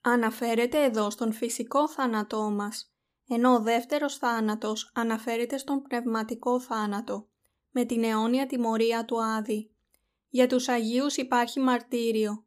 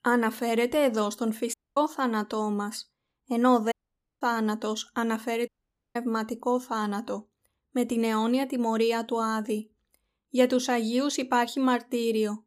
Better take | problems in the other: first | audio cutting out; at 1.5 s, at 3.5 s and at 5.5 s

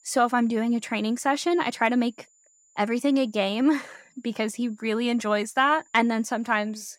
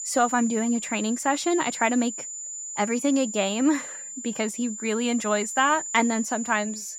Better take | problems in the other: first | high-pitched whine; loud; throughout; 7 kHz, 8 dB below the speech; faint in the first

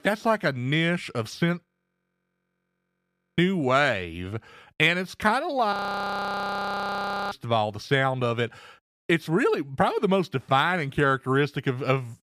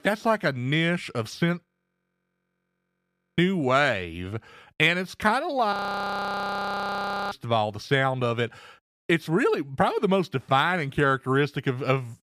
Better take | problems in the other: neither | audio freezing; at 1.5 s for 1.5 s and at 5.5 s for 1.5 s; the same in both

